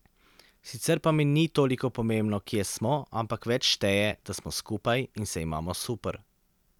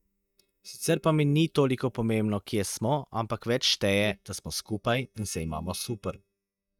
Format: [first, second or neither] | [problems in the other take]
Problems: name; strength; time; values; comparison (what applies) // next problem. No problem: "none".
first | noise reduction (neural mask model DeepFilterNet 3)